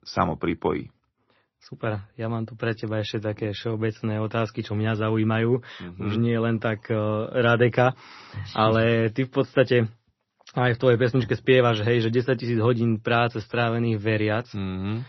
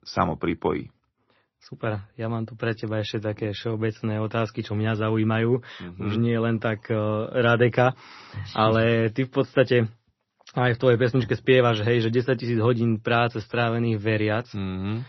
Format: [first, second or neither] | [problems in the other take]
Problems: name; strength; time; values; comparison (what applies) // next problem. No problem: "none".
neither | garbled, watery; slightly; nothing above 6 kHz; the same in both